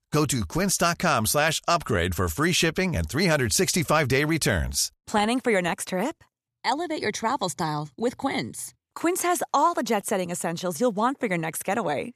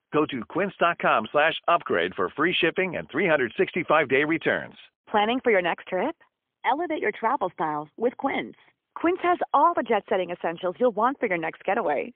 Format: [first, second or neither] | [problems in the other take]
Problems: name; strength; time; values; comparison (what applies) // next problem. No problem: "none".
first | phone-call audio; poor line; nothing above 3.5 kHz